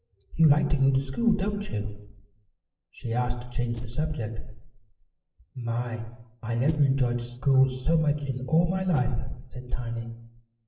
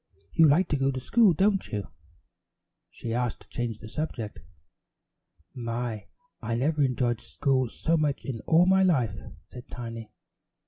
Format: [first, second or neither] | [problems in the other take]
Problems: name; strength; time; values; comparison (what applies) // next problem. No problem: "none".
second | noise reduction (neural separator model SepFormer DNS4)